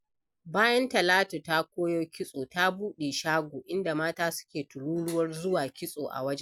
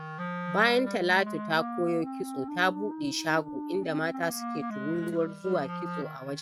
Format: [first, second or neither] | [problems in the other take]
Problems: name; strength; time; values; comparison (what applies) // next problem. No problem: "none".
first | noise reduction (neural mask model RNNoise)